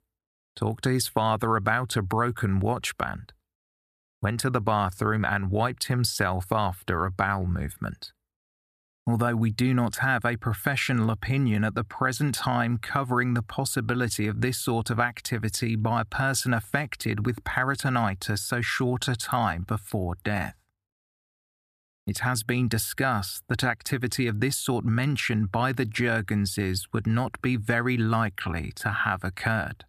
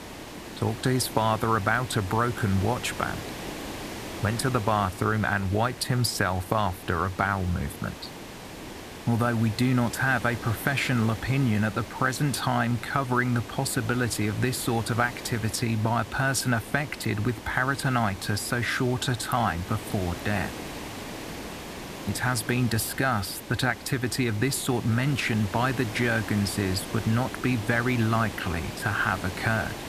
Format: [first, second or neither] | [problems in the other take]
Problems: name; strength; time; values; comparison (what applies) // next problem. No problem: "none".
first | hiss; noticeable; throughout; 10 dB below the speech